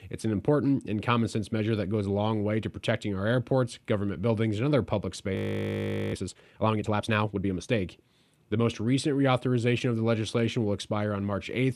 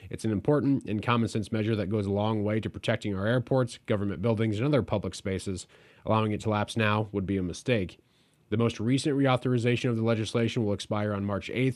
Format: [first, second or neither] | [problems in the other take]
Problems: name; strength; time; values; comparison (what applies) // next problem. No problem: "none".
second | audio freezing; at 5.5 s for 1 s